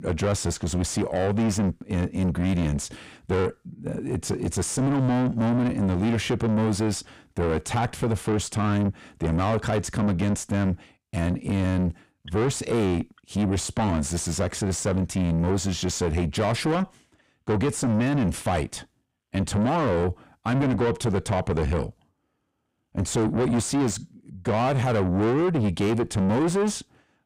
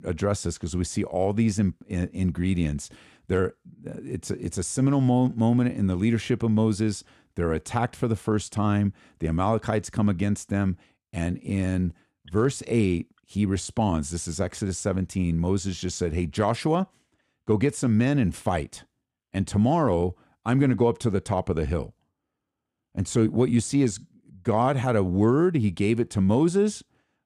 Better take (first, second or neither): second